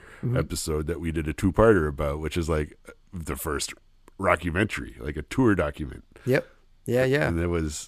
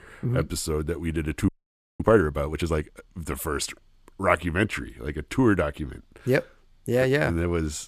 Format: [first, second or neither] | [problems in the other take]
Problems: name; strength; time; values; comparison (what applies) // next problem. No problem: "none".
first | audio freezing; at 1.5 s for 0.5 s